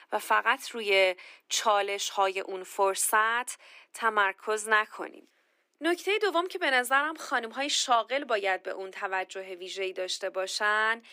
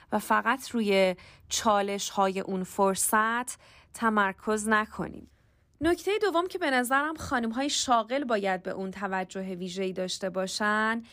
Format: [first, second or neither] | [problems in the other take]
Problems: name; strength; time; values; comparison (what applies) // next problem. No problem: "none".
second | thin; somewhat; fading below 350 Hz